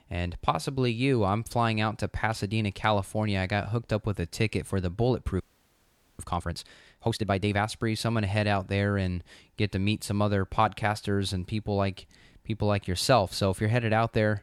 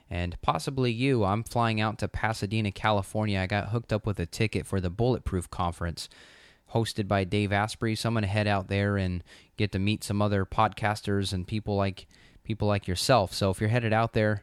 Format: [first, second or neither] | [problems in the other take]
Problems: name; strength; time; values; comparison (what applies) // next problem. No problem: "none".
second | audio freezing; at 5.5 s for 1 s